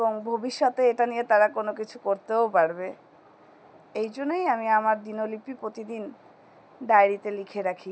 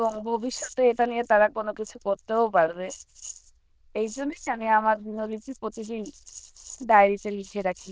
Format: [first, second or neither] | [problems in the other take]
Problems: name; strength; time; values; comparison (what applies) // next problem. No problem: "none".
first | noise reduction (neural diffusion model UNIVERSE++)